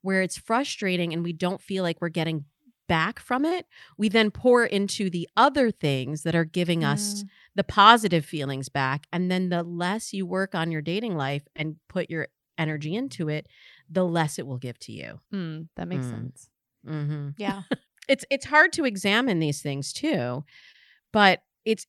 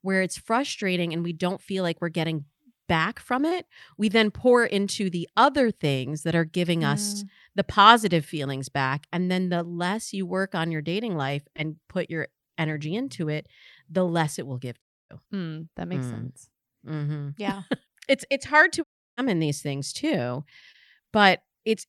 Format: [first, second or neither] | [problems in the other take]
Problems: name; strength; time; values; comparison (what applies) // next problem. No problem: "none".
first | audio cutting out; at 15 s and at 19 s